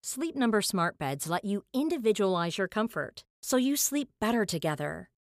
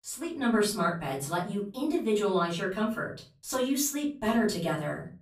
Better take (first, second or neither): first